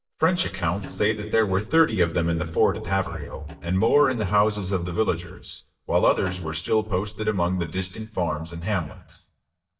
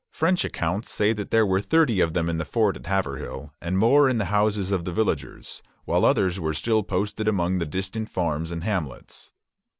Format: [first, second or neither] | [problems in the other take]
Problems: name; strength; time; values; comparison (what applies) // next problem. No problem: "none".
second | noise reduction (neural mask model DeepFilterNet 3)